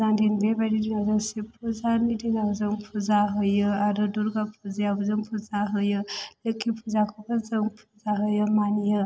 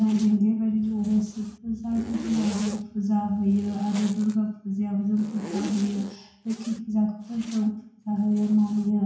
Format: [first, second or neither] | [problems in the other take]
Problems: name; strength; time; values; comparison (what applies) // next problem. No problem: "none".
first | background sound (Zipper (clothing)); 17 dB below the speech // room echo; dies away in 0.6 s